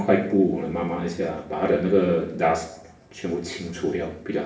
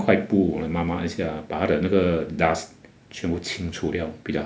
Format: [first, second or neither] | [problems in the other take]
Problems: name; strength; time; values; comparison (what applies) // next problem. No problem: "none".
second | room echo; dies away in 0.8 s